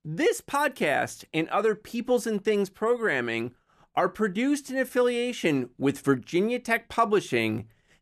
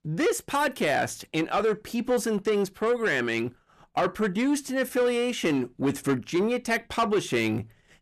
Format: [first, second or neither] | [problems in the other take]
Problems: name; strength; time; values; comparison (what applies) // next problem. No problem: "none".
first | distortion; slight; 10 dB below the speech